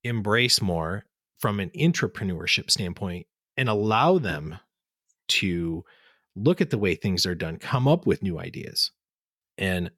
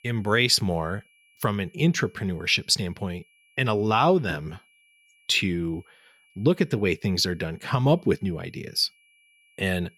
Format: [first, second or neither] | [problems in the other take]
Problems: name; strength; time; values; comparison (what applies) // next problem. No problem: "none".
first | high-pitched whine; faint; throughout; 2.5 kHz, 35 dB below the speech